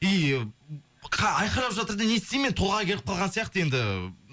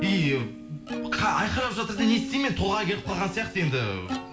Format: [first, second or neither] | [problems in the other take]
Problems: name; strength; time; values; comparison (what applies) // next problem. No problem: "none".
first | background sound (Plucked string instrument); 9 dB below the speech // room echo; dies away in 1.9 s